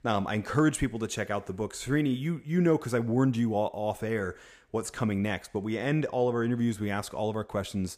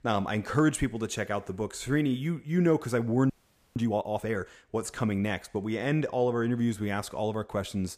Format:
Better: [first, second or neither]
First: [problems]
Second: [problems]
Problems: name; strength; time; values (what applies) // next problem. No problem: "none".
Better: first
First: none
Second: audio freezing; at 3.5 s